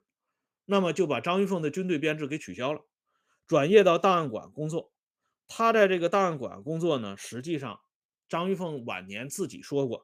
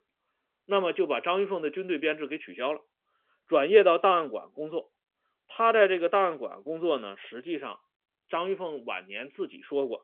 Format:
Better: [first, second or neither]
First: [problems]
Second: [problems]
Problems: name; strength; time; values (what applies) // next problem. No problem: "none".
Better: first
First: none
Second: phone-call audio; nothing above 3.5 kHz